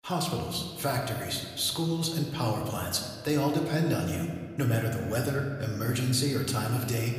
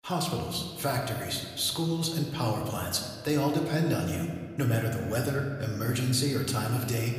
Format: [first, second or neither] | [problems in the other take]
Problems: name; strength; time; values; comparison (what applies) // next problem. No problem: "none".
neither | room echo; slight; dies away in 1.8 s; the same in both